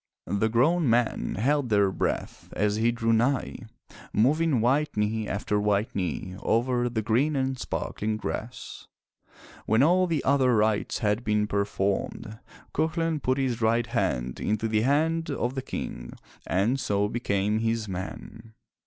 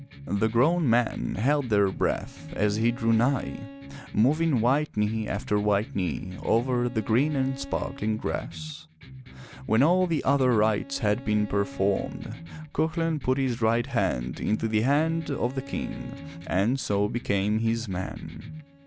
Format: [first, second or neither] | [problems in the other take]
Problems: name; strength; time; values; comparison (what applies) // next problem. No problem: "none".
first | background sound (Bowed string instrument + Electric guitar); 15 dB below the speech